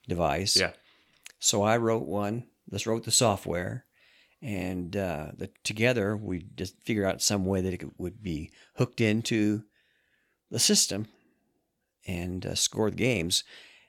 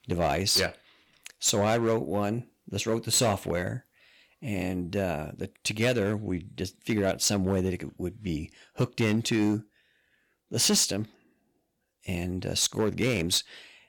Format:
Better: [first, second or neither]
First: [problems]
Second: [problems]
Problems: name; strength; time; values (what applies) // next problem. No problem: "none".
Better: first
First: none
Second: distortion; slight; 4% of the sound clipped